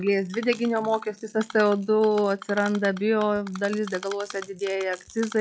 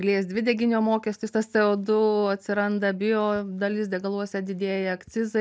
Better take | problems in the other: second | noise reduction (classical method log-MMSE)

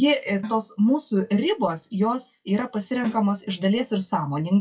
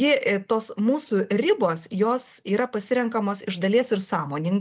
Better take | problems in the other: second | noise reduction (classical method WPE with log-MMSE)

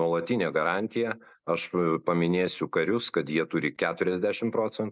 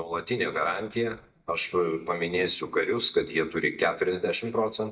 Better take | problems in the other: first | noise reduction (neural mask model DeepFilterNet 3)

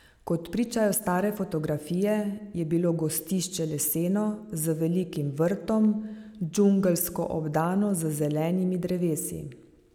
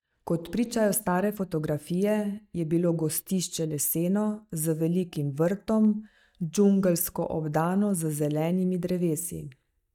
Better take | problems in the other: first | noise reduction (neural mask model DeepFilterNet 3)

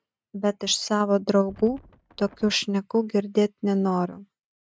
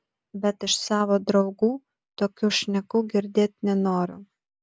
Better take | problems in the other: second | noise reduction (neural mask model RNNoise)

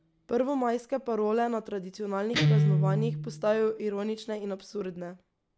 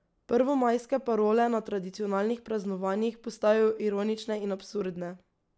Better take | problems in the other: second | background sound (Guitar); 1 dB below the speech

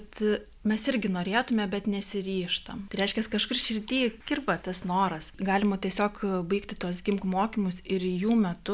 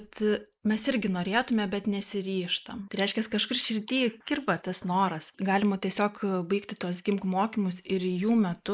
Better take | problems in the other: first | noise reduction (neural mask model Resemble Enhance denoiser)

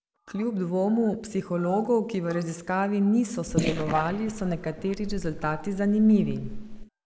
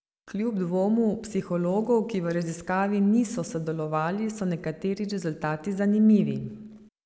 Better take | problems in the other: second | noise reduction (neural mask model Resemble Enhance denoiser)

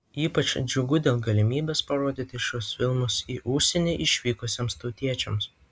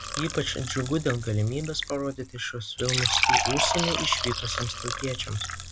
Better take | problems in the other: first | background sound (Fill (with liquid) / Trickle, dribble); as loud as the speech

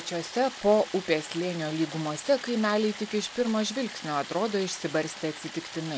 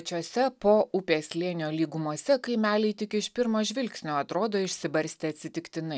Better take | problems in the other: second | background sound (Stream); 13 dB below the speech

